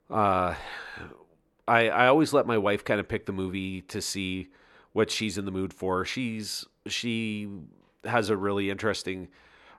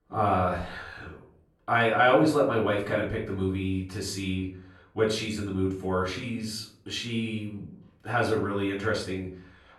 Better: first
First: none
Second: room echo; slight; dies away in 0.5 s // off-mic speech; far

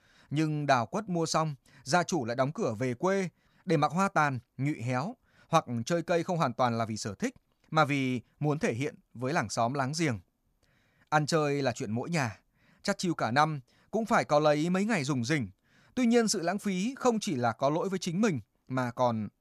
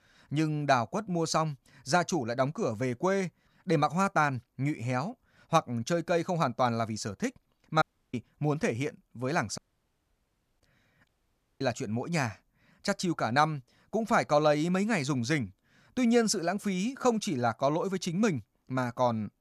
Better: first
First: none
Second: audio cutting out; at 8 s, at 9.5 s for 1 s and at 11 s for 0.5 s

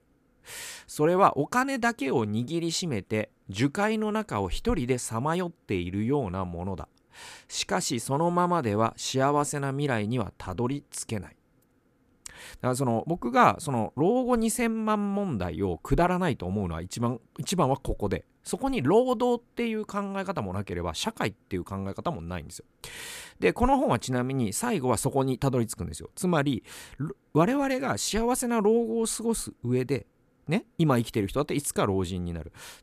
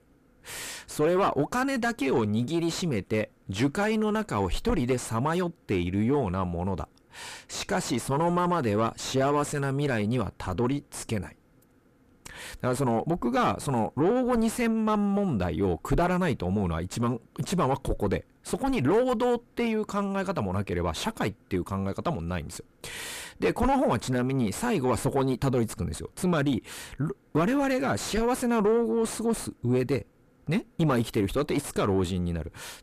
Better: first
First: none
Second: distortion; heavy; 7 dB below the speech

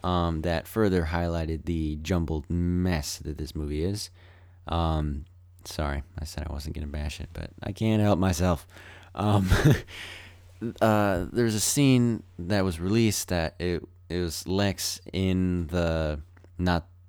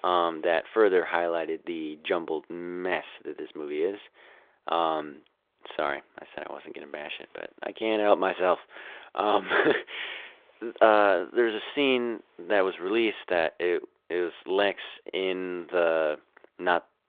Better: first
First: none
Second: phone-call audio; nothing above 3.5 kHz

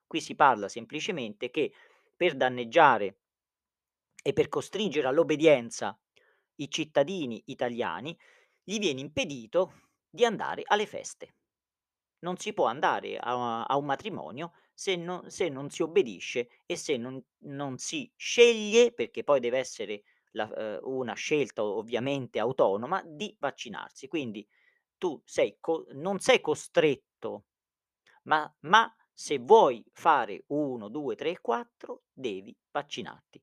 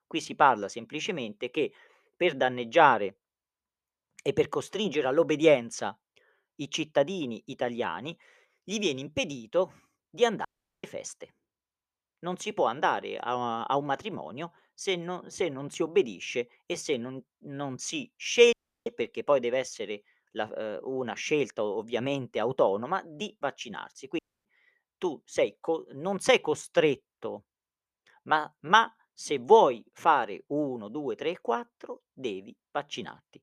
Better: first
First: none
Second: audio cutting out; at 10 s, at 19 s and at 24 s

